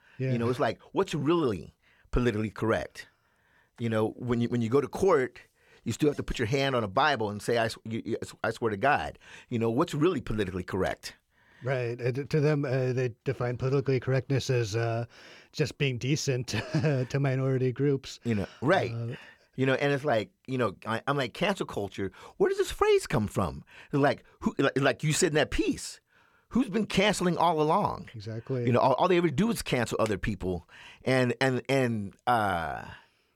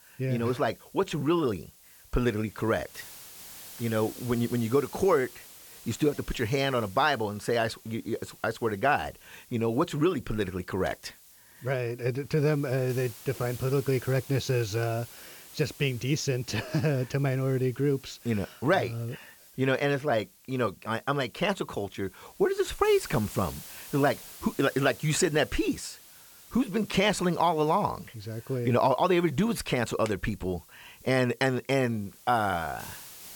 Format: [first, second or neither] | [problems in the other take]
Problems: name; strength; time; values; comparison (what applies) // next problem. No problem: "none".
first | hiss; noticeable; throughout; 20 dB below the speech